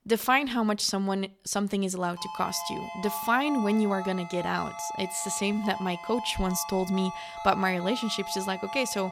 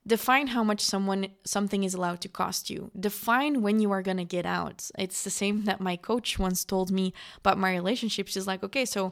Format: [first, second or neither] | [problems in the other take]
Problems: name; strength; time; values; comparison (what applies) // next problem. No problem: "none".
second | phone ringing; noticeable; from 2 s on; peak 8 dB below the speech